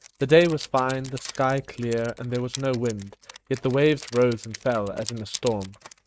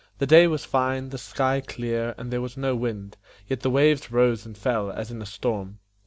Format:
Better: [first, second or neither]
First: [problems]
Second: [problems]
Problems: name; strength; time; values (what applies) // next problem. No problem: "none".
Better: second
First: noise reduction (neural mask model RNNoise)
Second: none